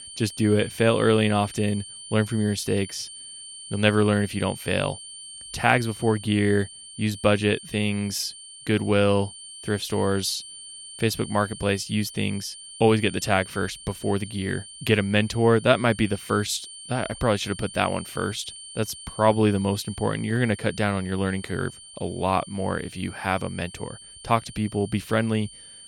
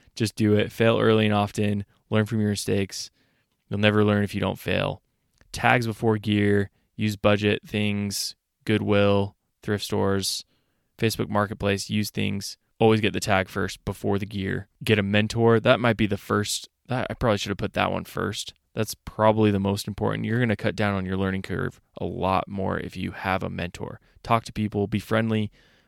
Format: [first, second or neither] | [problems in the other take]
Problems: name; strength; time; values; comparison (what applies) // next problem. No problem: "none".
second | high-pitched whine; noticeable; throughout; 9 kHz, 15 dB below the speech